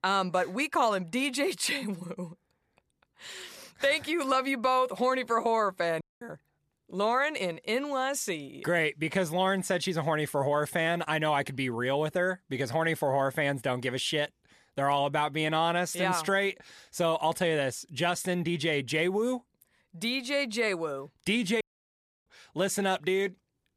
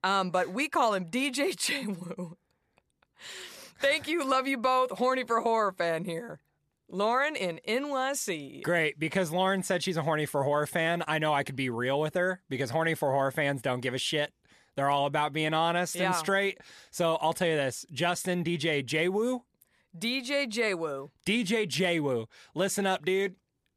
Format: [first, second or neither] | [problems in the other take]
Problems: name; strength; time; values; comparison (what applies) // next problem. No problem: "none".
second | audio cutting out; at 6 s and at 22 s for 0.5 s